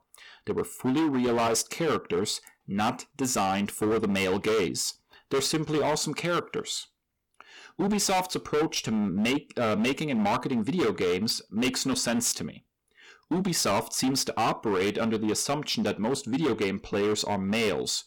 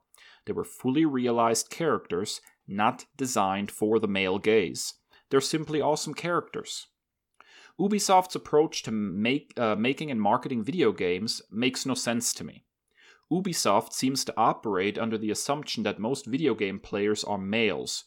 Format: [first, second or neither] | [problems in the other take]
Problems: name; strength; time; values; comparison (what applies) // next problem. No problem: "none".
second | distortion; heavy; 16% of the sound clipped